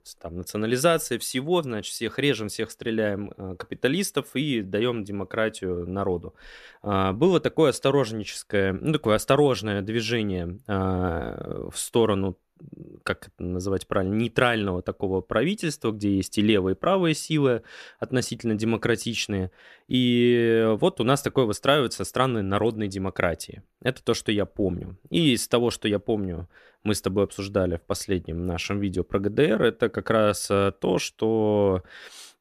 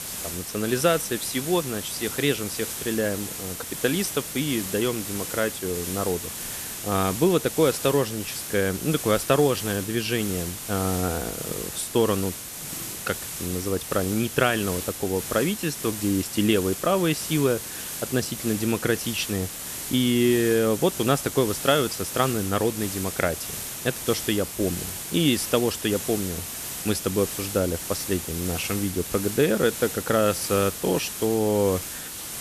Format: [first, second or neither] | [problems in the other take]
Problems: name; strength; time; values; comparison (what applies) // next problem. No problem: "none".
first | hiss; loud; throughout; 6 dB below the speech